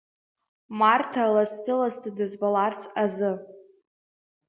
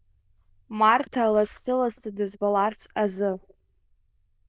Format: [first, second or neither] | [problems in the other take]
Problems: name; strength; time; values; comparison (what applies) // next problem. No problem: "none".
first | noise reduction (neural diffusion model UNIVERSE++)